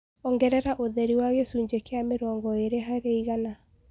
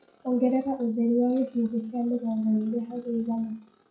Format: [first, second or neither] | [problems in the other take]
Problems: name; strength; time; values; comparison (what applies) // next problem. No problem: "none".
first | noise reduction (classical method WPE with log-MMSE)